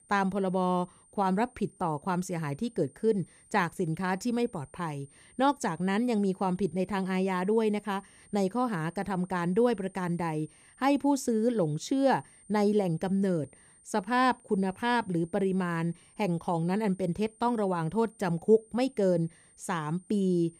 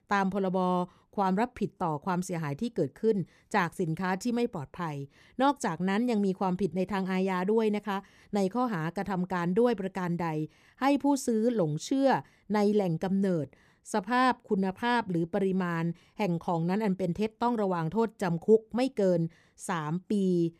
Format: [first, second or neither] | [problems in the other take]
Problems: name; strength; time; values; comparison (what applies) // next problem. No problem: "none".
second | high-pitched whine; faint; throughout; 9 kHz, 30 dB below the speech